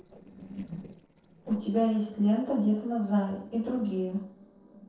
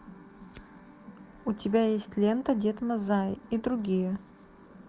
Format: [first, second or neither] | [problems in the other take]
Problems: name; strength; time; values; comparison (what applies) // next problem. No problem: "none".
second | noise reduction (neural separator model SepFormer DNS4)